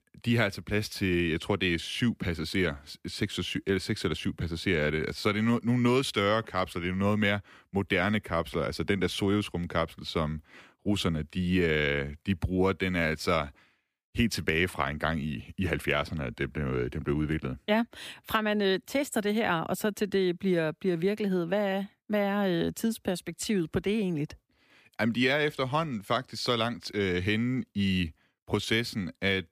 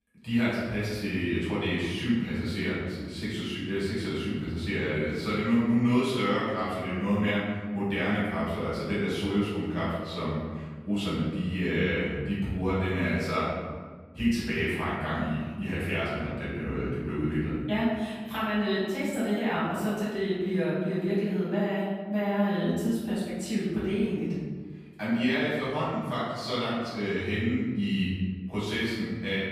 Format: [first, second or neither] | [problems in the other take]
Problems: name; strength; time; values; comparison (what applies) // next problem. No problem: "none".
first | room echo; strong; dies away in 1.5 s // off-mic speech; far